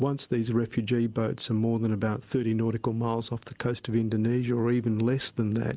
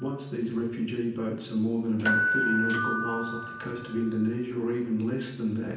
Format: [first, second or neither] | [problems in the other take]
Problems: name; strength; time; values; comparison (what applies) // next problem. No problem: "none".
first | background sound (Door / Bell); 4 dB below the speech // room echo; dies away in 0.9 s